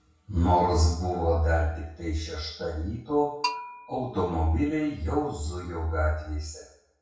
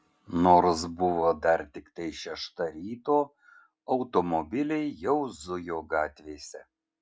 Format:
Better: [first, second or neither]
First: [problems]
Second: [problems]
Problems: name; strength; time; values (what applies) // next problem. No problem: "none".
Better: second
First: background sound (Bell); 13 dB below the speech // room echo; dies away in 0.6 s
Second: none